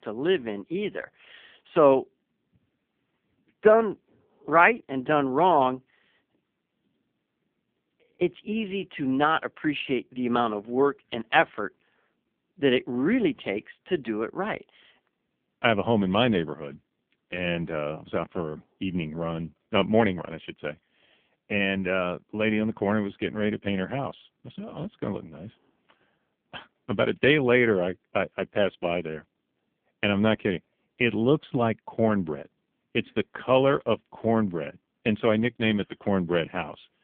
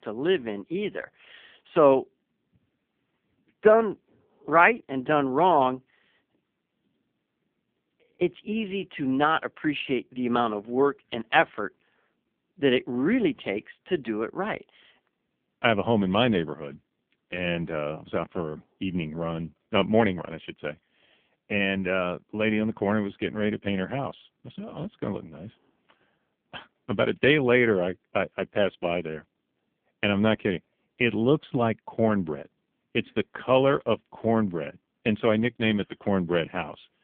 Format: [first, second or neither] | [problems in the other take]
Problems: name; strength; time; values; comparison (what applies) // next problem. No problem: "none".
neither | phone-call audio; poor line; nothing above 3.5 kHz; the same in both